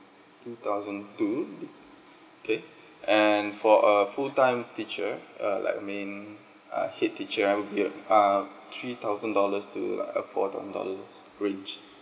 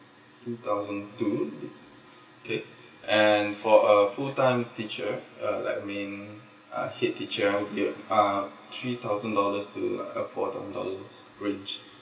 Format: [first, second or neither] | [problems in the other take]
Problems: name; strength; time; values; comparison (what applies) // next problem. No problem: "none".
first | room echo; dies away in 0.2 s